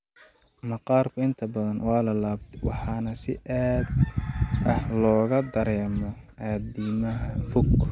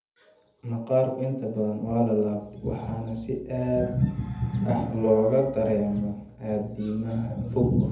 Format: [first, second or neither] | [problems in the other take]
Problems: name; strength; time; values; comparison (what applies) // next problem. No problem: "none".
first | room echo; dies away in 0.7 s